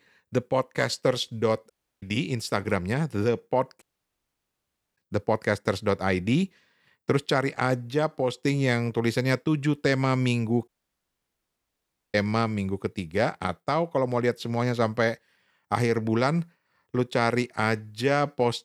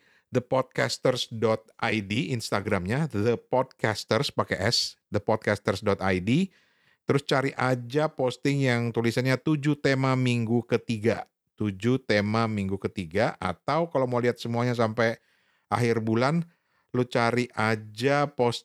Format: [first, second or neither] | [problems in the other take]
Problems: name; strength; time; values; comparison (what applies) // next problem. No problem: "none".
second | audio cutting out; at 1.5 s, at 4 s for 1 s and at 11 s for 1.5 s